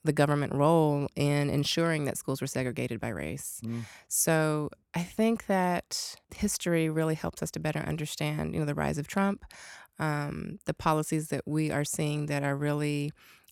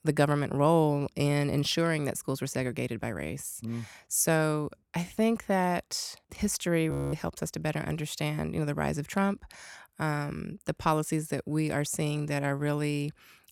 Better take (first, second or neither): first